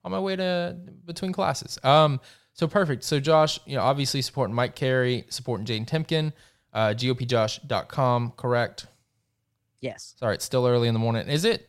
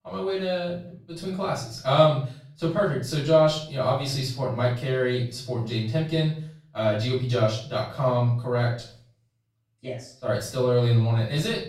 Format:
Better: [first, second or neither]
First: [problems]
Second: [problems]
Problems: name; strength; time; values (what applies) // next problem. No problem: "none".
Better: first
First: none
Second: off-mic speech; far // room echo; noticeable; dies away in 0.4 s